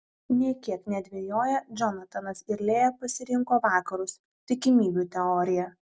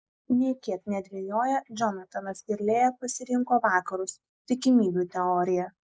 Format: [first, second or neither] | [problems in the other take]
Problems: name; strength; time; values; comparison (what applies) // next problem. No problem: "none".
first | noise reduction (neural mask model Resemble Enhance denoiser)